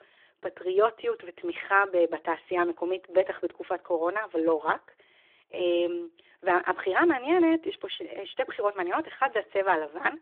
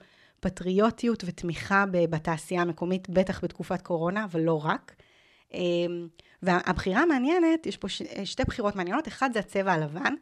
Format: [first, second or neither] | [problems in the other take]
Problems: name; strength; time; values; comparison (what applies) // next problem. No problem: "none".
second | phone-call audio; nothing above 3.5 kHz